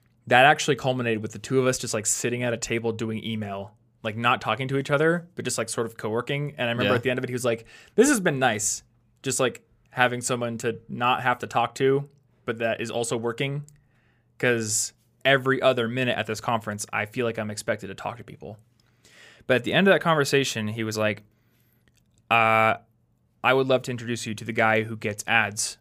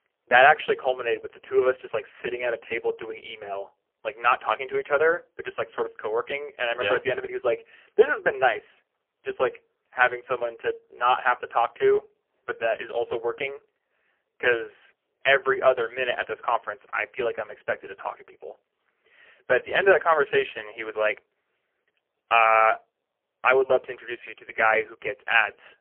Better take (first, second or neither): first